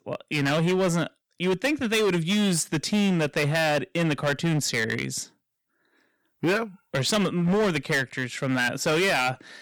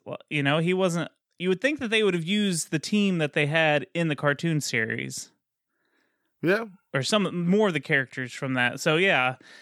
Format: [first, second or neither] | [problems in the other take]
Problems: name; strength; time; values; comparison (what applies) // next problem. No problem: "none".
second | distortion; heavy; 15% of the sound clipped